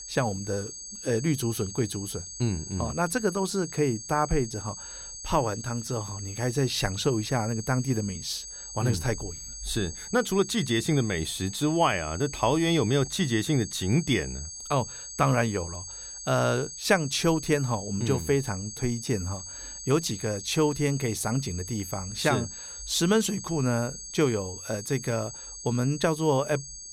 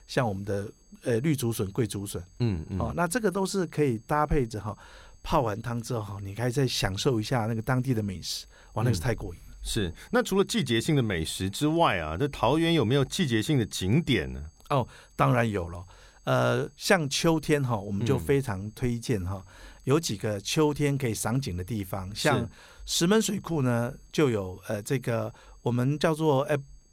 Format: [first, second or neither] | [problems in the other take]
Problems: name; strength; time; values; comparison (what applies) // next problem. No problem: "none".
second | high-pitched whine; loud; throughout; 6.5 kHz, 10 dB below the speech; faint in the second